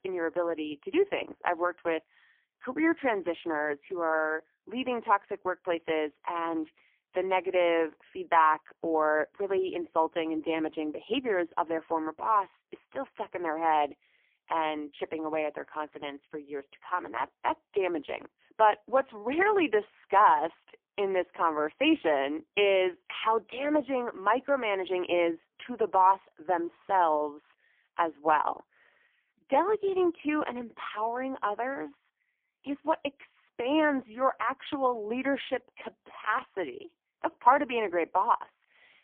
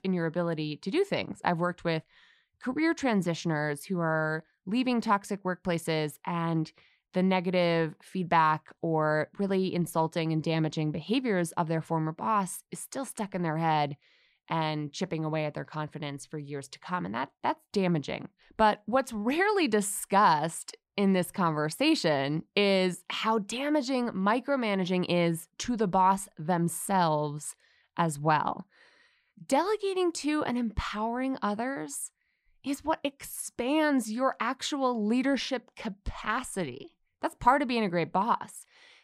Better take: second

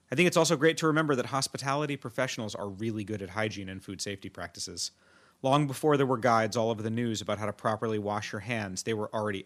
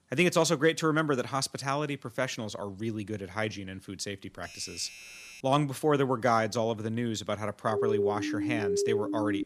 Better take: first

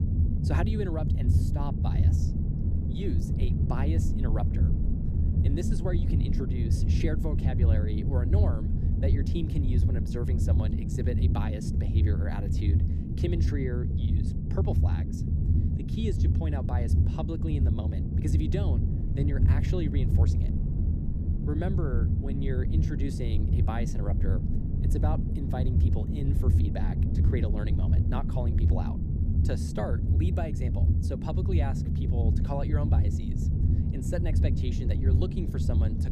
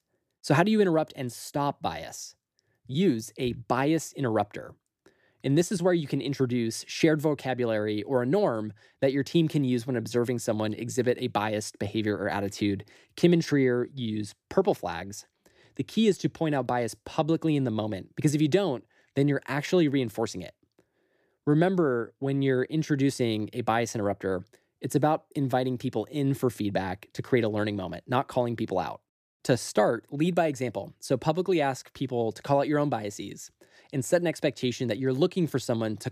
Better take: second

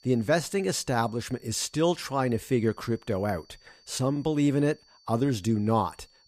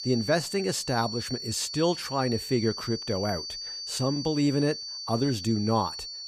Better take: first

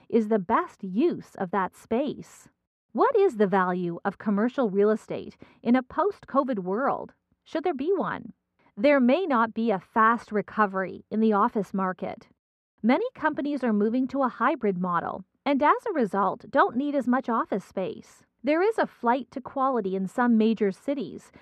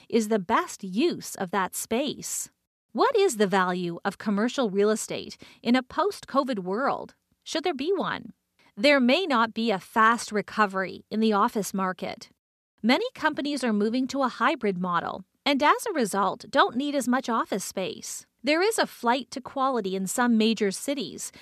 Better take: second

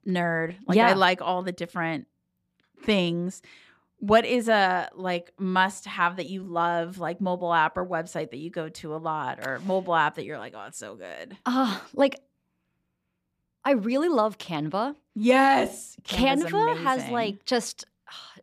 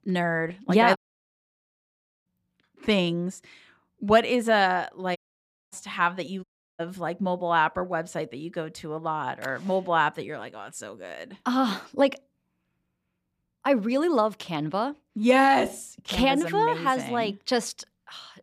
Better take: first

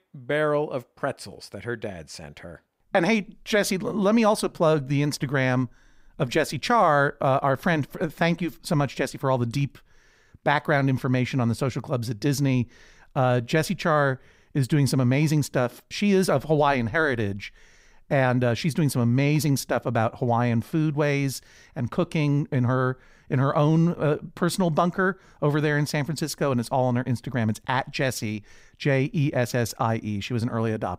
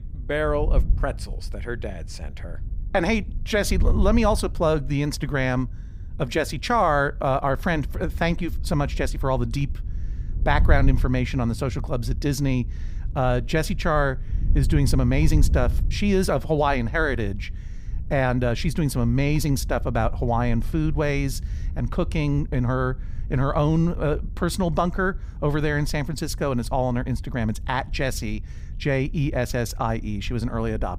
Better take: first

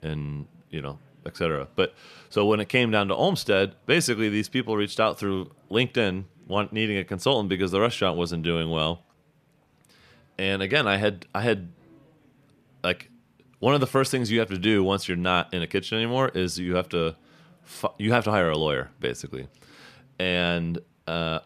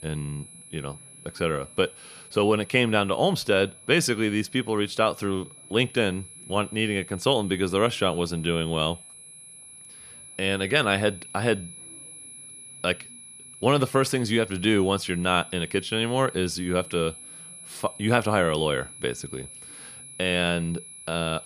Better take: first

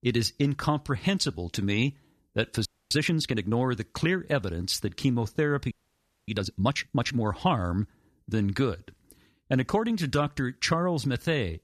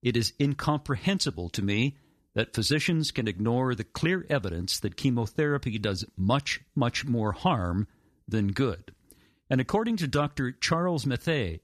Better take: second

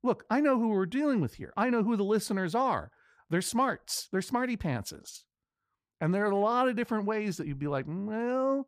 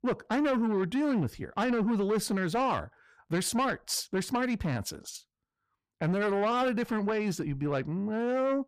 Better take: first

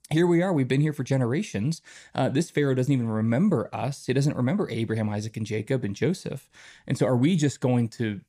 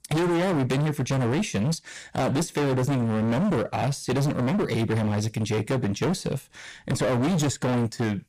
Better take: first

